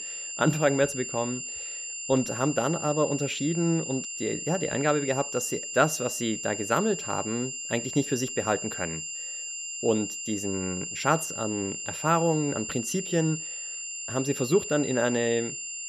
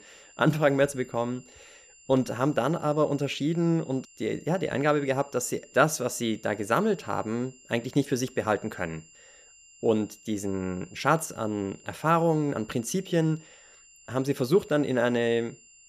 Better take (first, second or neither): second